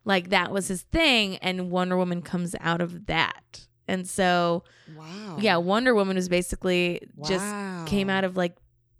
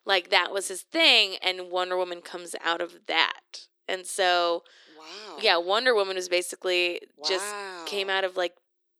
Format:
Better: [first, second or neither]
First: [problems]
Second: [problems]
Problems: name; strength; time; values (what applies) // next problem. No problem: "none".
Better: first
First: none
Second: thin; very; fading below 350 Hz